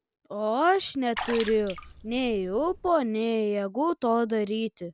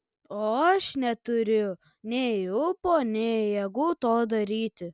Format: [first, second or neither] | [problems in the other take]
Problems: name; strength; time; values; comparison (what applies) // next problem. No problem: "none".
second | background sound (Water / Splash, splatter); 12 dB below the speech